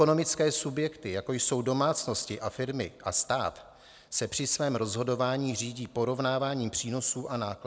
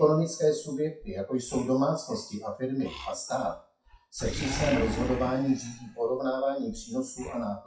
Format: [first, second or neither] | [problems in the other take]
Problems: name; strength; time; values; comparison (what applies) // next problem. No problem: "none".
first | noise reduction (classical method WPE with log-MMSE)